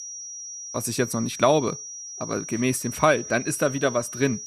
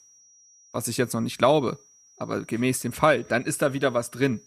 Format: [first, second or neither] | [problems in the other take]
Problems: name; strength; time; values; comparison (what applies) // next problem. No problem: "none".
second | high-pitched whine; loud; throughout; 5.5 kHz, 10 dB below the speech; faint in the second